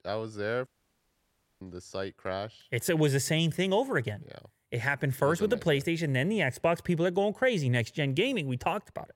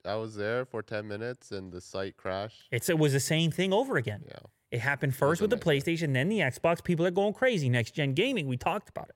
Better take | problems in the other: second | audio cutting out; at 0.5 s for 1 s

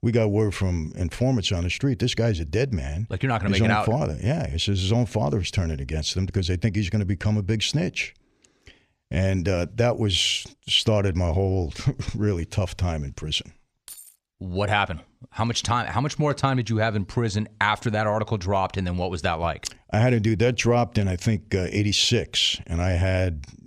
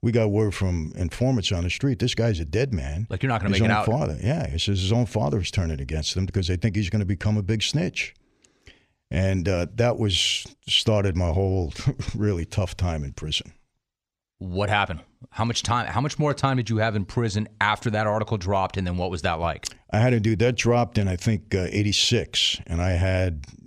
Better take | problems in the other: second | jangling keys; faint; at 14 s; peak 20 dB below the speech

